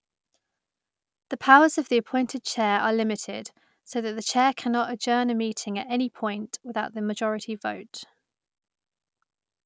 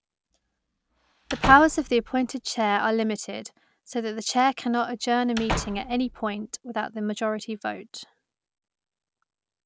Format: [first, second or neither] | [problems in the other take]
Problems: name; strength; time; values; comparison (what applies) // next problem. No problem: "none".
first | background sound (Slam / Wood); 9 dB below the speech